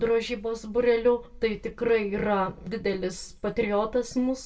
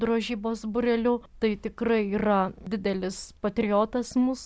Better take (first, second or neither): second